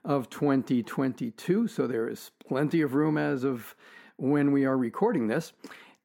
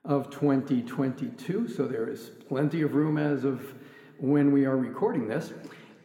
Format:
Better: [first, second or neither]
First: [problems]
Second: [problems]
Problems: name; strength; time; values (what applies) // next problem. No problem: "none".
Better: first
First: none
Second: room echo; very slight; dies away in 1.9 s